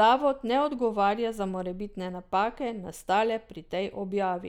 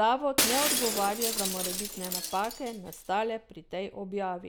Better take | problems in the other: first | background sound (Shatter); 1 dB below the speech

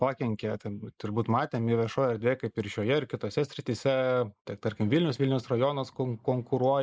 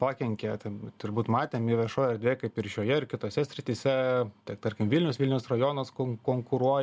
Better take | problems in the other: second | noise reduction (neural mask model Resemble Enhance denoiser)

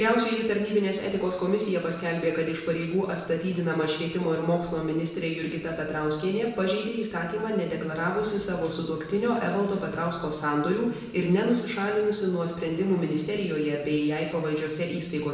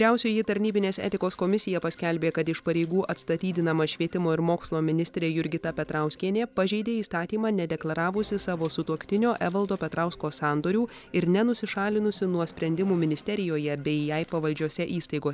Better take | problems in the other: second | room echo; dies away in 0.9 s

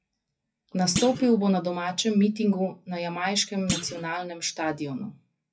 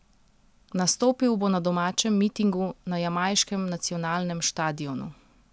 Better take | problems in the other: second | noise reduction (classical method WPE with log-MMSE)

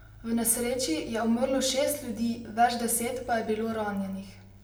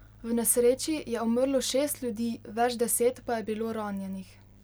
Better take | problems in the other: second | room echo; dies away in 0.6 s

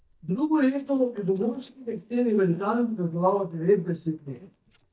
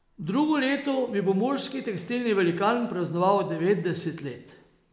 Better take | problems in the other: second | noise reduction (neural mask model DeepFilterNet 3)

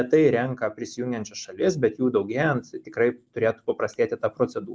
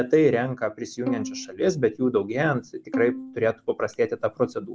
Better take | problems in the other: first | background sound (Bowed string instrument); 10 dB below the speech

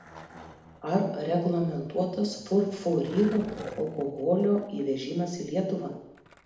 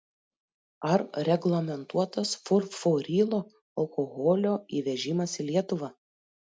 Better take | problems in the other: second | background sound (Skateboard); 19 dB below the speech // room echo; dies away in 0.8 s

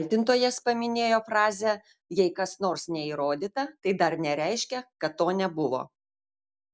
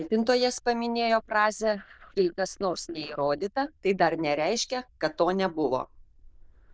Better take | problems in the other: first | noise reduction (neural diffusion model UNIVERSE++)

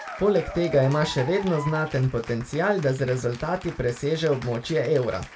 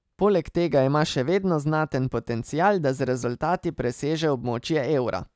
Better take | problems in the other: second | background sound (Applause / Cheering); 15 dB below the speech // room echo; dies away in 0.2 s

